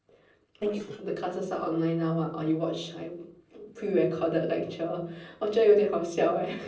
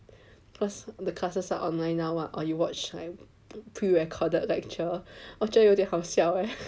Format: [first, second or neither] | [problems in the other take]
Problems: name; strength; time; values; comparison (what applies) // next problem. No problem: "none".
second | noise reduction (neural separator model SepFormer DNS4)